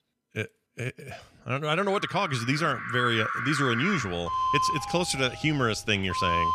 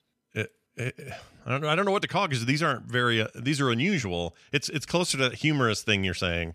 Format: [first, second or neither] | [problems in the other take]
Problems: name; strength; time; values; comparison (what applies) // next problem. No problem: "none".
second | alarms or sirens; loud; throughout; 3 dB below the speech